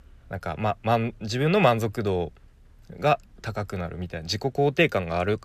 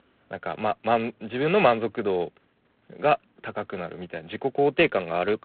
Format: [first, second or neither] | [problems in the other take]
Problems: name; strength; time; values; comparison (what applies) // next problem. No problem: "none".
first | phone-call audio; poor line; nothing above 4 kHz